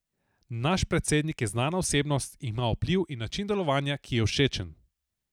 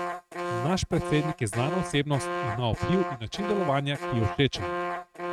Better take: first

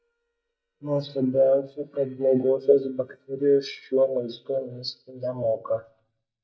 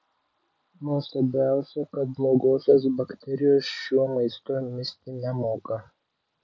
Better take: second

